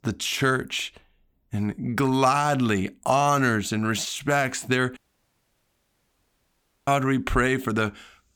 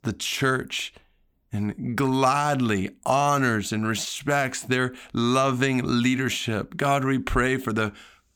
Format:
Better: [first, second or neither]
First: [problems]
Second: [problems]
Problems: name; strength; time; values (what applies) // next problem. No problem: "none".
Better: second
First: audio cutting out; at 5 s for 2 s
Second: none